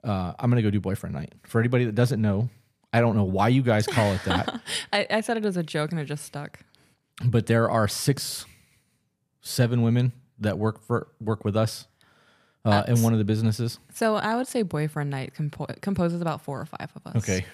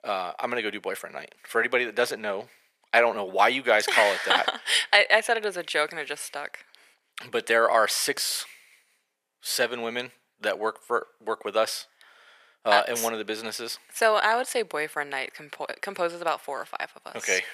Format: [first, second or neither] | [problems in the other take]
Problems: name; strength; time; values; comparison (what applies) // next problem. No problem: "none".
first | thin; very; fading below 500 Hz